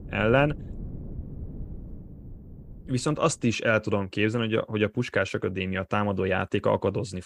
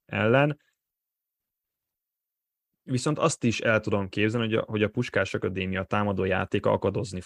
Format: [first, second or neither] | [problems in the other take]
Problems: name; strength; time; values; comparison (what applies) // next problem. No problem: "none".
second | wind noise on the microphone; occasional gusts; until 3.5 s; 25 dB below the speech